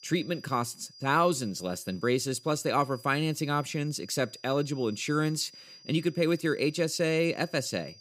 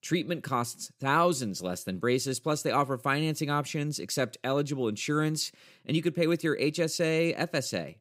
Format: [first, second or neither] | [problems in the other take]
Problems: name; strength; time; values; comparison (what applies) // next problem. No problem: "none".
second | high-pitched whine; noticeable; throughout; 5 kHz, 20 dB below the speech